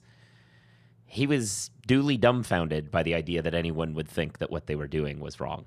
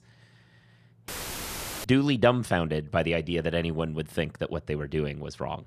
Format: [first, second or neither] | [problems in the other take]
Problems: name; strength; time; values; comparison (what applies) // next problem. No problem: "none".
first | audio cutting out; filled with static; at 1 s for 1 s